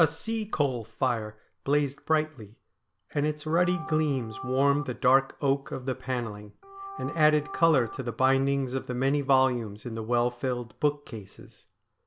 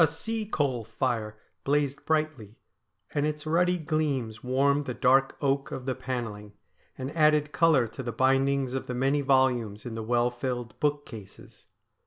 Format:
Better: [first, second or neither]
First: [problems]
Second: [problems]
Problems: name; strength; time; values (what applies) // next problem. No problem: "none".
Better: second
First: background sound (Organ); 12 dB below the speech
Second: none